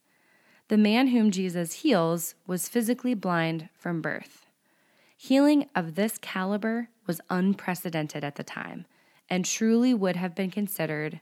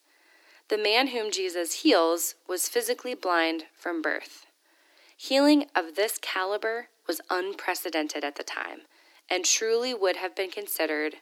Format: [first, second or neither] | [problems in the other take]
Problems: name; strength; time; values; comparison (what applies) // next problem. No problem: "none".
first | thin; somewhat; fading below 300 Hz